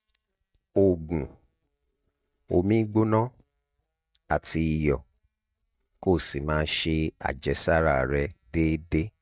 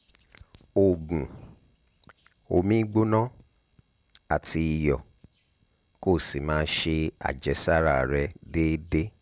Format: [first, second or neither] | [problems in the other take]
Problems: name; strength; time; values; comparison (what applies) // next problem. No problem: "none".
second | noise reduction (neural mask model DeepFilterNet 3)